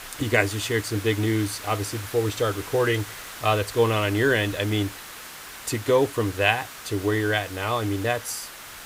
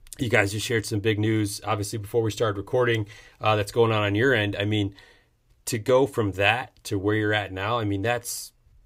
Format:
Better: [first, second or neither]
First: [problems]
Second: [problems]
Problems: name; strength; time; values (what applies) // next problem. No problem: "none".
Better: second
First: hiss; noticeable; throughout; 15 dB below the speech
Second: none